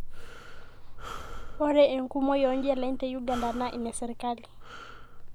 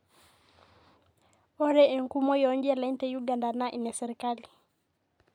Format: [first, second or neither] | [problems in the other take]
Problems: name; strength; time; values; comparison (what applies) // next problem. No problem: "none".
second | background sound (Breathing); 8 dB below the speech